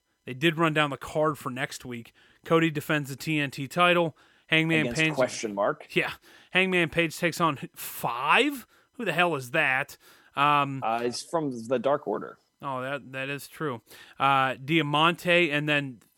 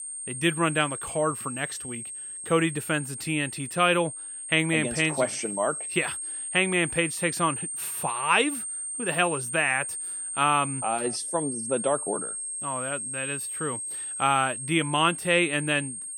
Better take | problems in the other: first | high-pitched whine; loud; throughout; 8.5 kHz, 5 dB below the speech

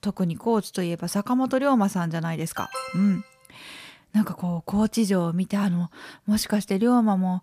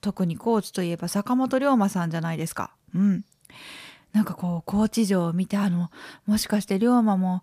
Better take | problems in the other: second | alarm; noticeable; at 2.5 s; peak 9 dB below the speech

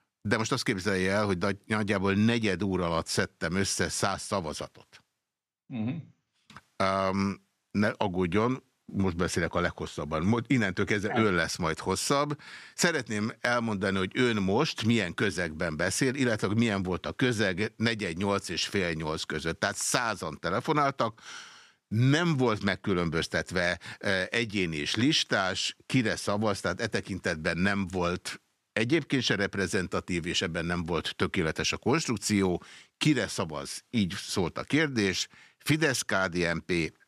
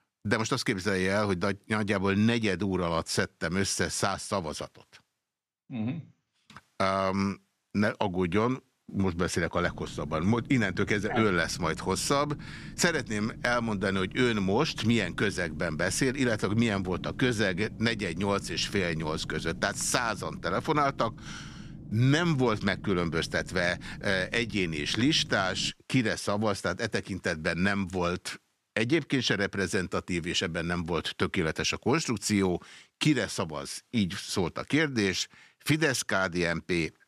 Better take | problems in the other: first | low rumble; faint; from 9.5 to 26 s; 25 dB below the speech

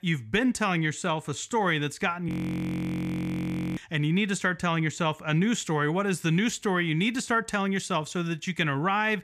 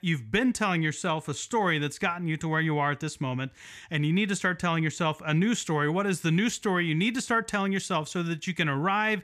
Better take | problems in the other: second | audio freezing; at 2.5 s for 1.5 s

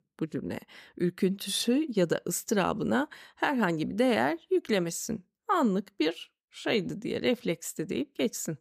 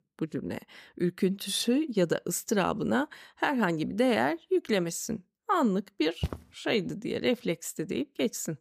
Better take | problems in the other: first | footsteps; noticeable; at 6 s; peak 7 dB below the speech

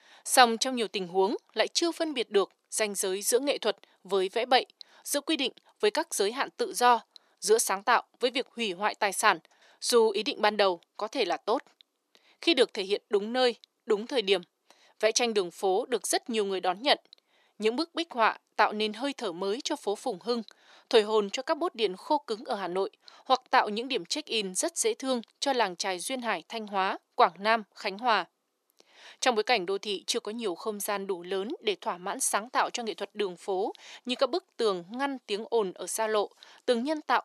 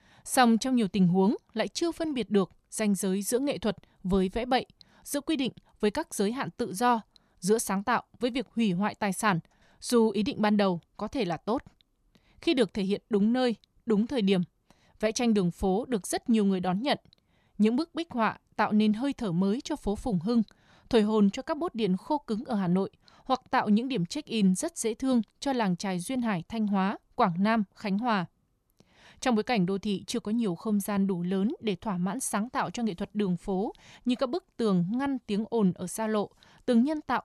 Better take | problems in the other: second | thin; very; fading below 350 Hz

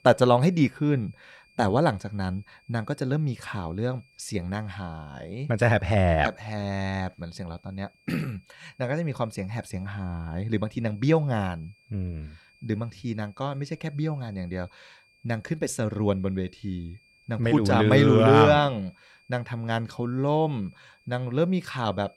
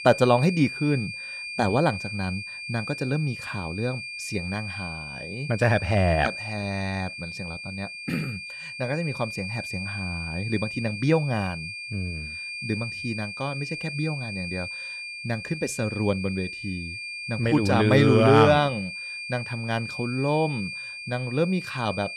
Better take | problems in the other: first | high-pitched whine; loud; throughout; 2.5 kHz, 8 dB below the speech; faint in the first

